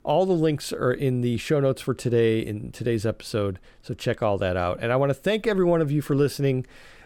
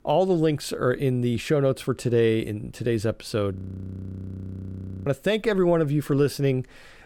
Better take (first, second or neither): first